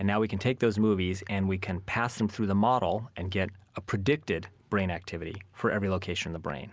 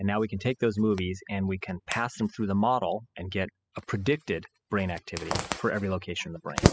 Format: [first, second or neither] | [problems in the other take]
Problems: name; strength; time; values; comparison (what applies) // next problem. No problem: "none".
first | noise reduction (classical method spectral subtraction)